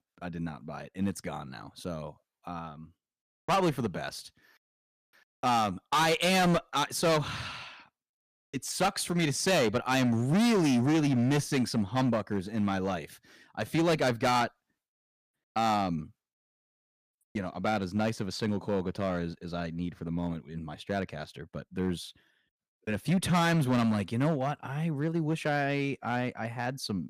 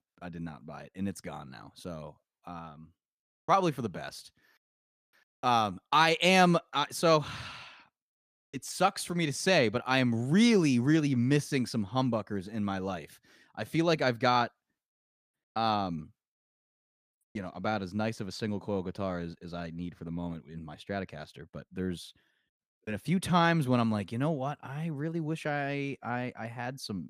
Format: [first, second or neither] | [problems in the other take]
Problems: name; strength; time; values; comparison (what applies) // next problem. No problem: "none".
second | distortion; heavy; 7% of the sound clipped